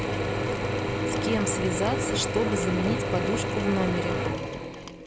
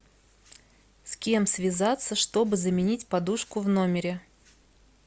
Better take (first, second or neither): second